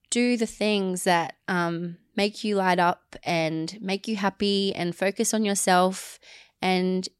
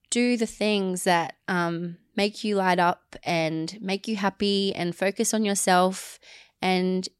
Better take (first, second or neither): neither